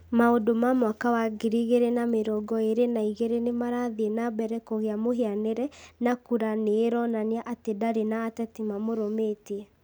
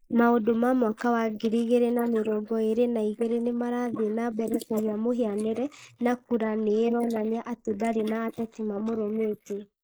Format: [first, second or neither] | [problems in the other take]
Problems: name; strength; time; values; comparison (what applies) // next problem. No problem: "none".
first | noise reduction (neural mask model Resemble Enhance denoiser)